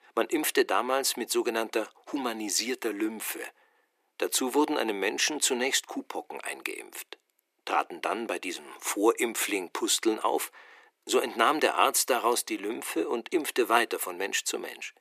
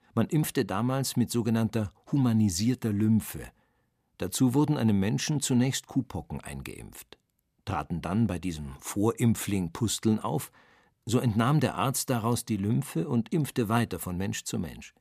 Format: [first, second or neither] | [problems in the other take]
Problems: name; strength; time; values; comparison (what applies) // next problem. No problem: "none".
second | thin; very; fading below 350 Hz